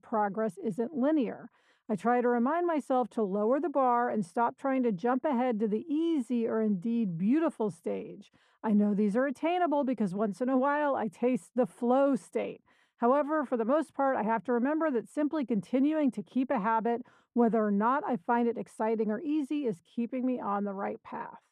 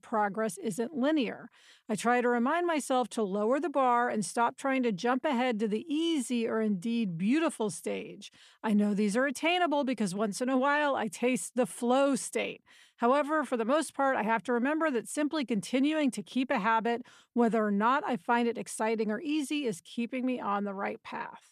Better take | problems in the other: second | muffled; very; fading above 2 kHz

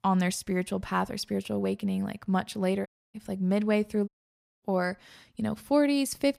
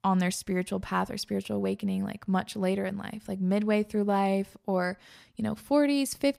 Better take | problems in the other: second | audio cutting out; at 3 s and at 4 s for 0.5 s

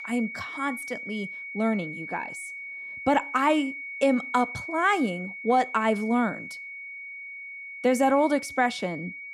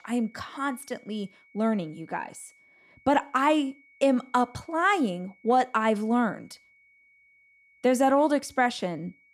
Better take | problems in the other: second | high-pitched whine; loud; throughout; 2 kHz, 10 dB below the speech; faint in the second

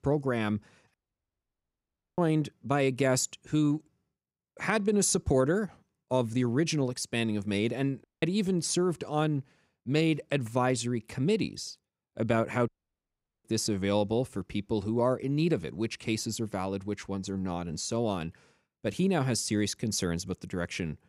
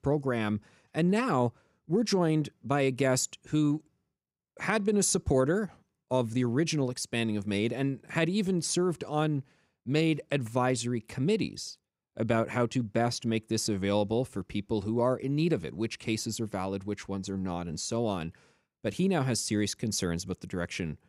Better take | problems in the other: second | audio cutting out; at 1 s for 1 s, at 8 s and at 13 s for 1 s

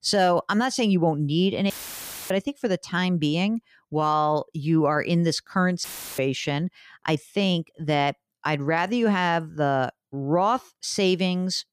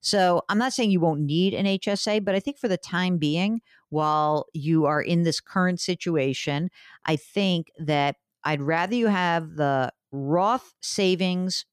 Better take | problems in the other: second | audio cutting out; filled with static; at 1.5 s for 0.5 s and at 6 s

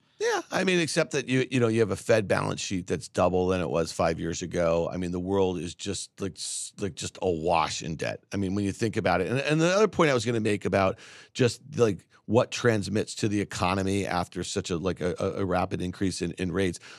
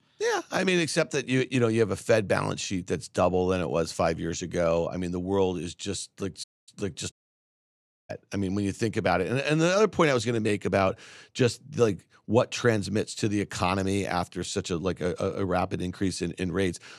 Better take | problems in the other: first | audio cutting out; at 6.5 s and at 7 s for 1 s

